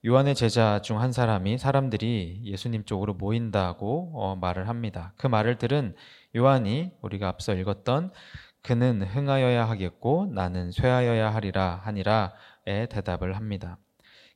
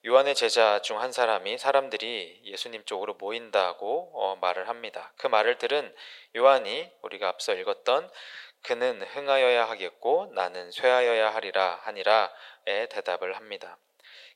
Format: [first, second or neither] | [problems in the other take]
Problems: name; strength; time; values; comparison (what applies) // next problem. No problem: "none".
first | thin; very; fading below 500 Hz